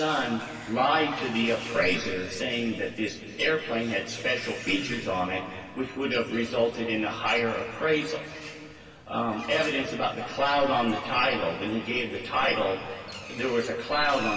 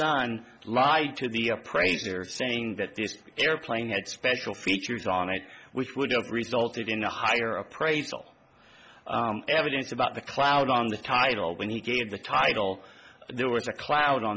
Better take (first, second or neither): second